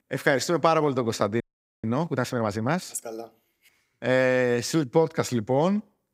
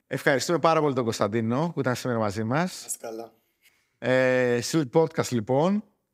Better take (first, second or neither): second